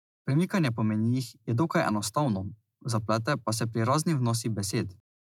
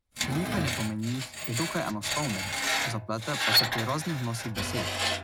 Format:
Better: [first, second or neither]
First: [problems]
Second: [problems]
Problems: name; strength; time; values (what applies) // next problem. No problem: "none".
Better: first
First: none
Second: background sound (Screech); 2 dB above the speech